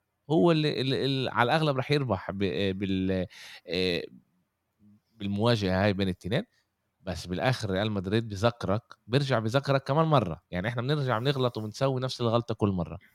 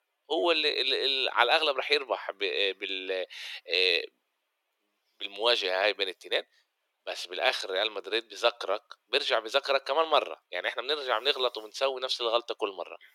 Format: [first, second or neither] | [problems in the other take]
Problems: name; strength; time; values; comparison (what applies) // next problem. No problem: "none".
first | thin; very; fading below 400 Hz